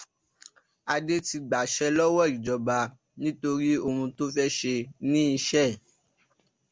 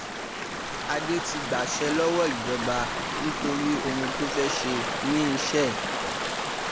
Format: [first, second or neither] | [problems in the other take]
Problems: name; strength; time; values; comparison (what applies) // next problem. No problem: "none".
first | background sound (Stream / Ocean); 1 dB below the speech